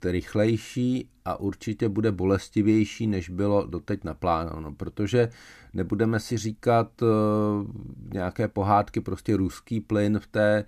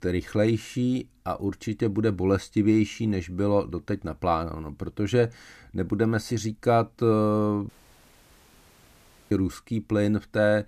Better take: first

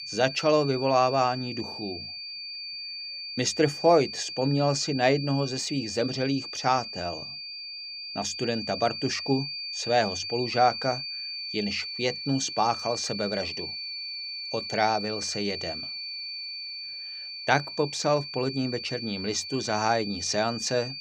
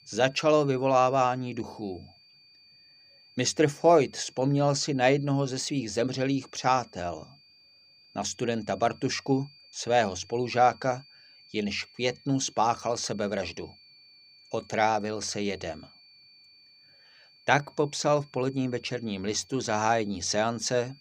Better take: second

